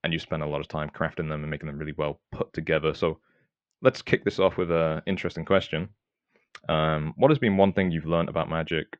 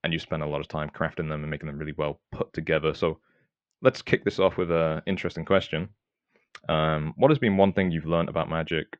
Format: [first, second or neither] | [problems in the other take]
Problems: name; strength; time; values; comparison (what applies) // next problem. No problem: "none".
neither | muffled; slightly; fading above 4 kHz; the same in both